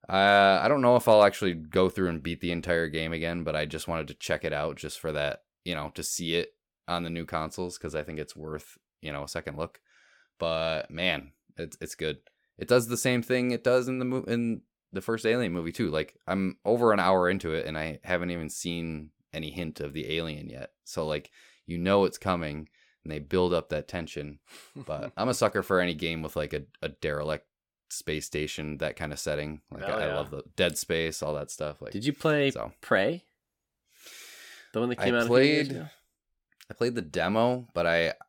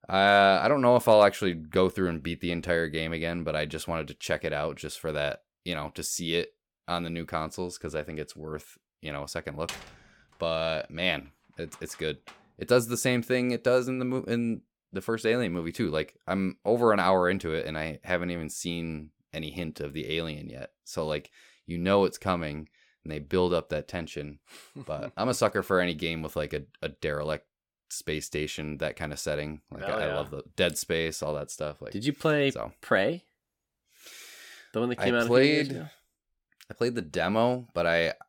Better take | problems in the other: first | door banging; faint; from 9.5 to 12 s; peak 10 dB below the speech

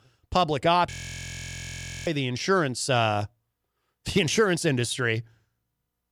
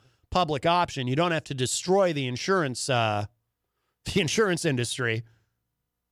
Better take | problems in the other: second | audio freezing; at 1 s for 1 s

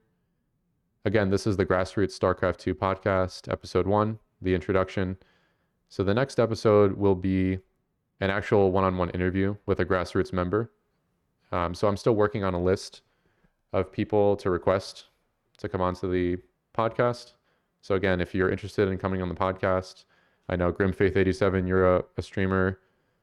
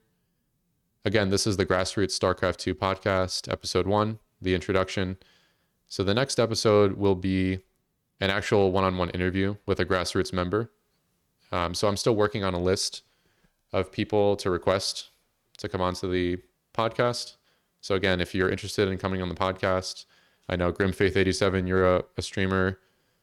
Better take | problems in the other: second | muffled; slightly; fading above 2.5 kHz

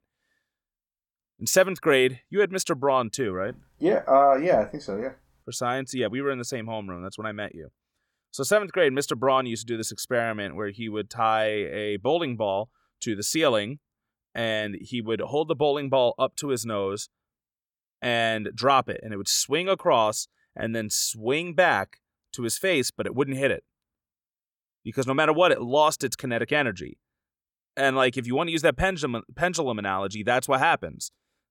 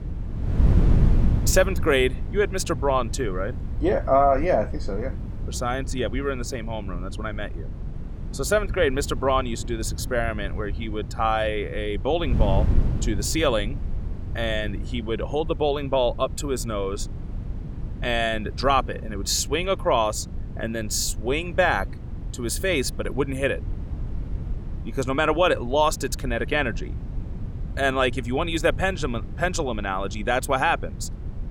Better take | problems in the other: first | wind noise on the microphone; occasional gusts; 20 dB below the speech

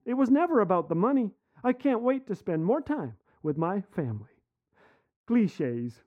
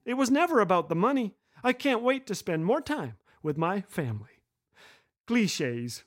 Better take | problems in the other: second | muffled; very; fading above 2.5 kHz

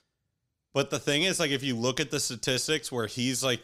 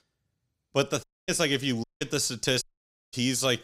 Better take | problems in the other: first | audio cutting out; at 1 s, at 2 s and at 2.5 s for 0.5 s

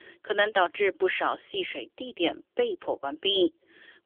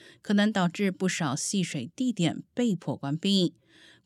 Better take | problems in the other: second | phone-call audio; poor line; nothing above 3.5 kHz

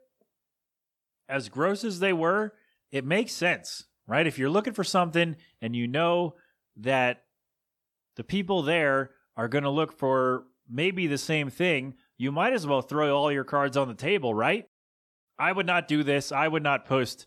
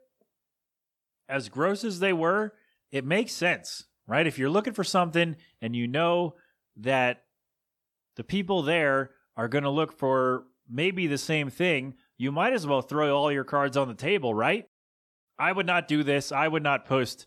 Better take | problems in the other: neither | none

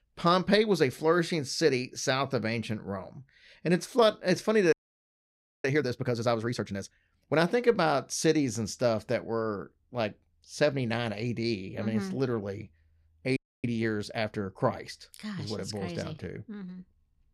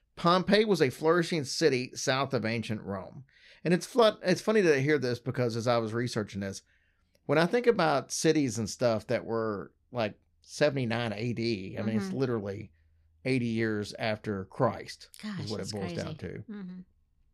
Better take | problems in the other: second | audio freezing; at 4.5 s for 1 s and at 13 s

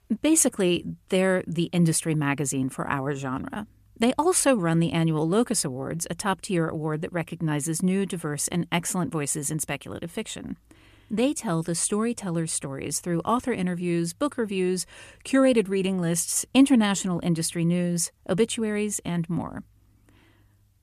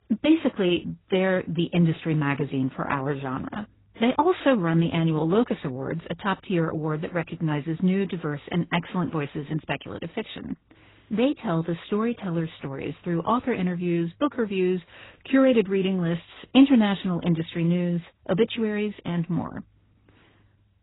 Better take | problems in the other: first | garbled, watery; badly; nothing above 4 kHz

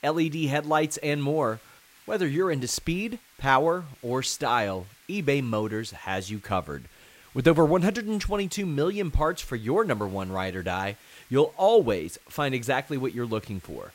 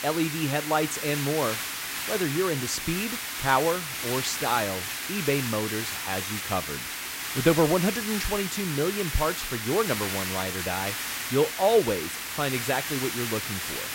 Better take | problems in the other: first | hiss; loud; throughout; 3 dB below the speech; faint in the first

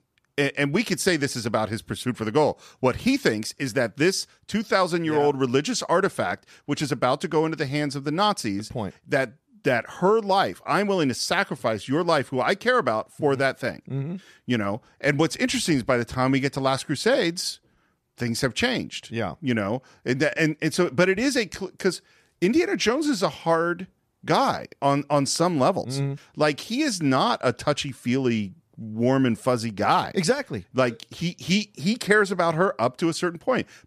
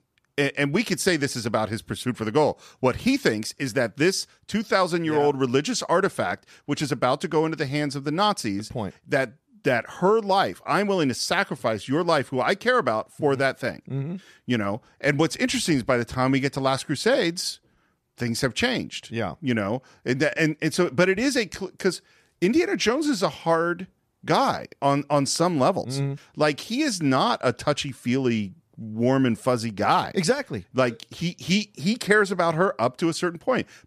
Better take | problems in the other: neither | none

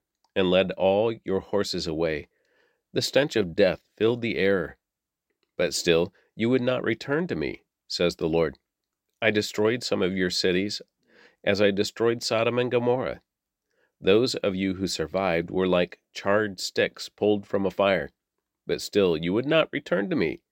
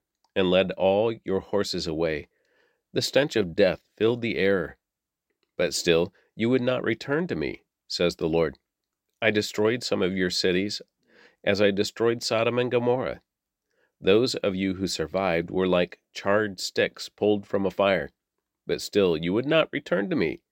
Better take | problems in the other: neither | none

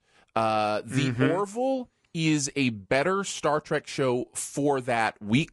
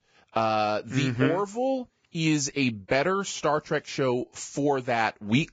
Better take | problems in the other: first | garbled, watery; badly; nothing above 7.5 kHz; slightly in the first

